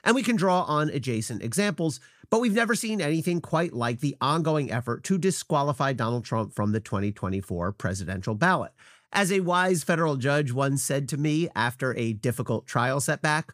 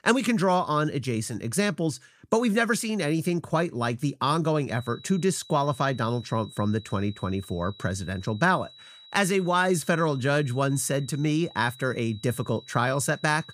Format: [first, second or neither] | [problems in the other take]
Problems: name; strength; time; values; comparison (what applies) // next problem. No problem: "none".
first | high-pitched whine; faint; from 4.5 s on; 4 kHz, 20 dB below the speech